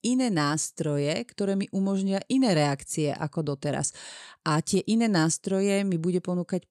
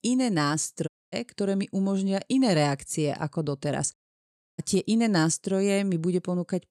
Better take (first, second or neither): first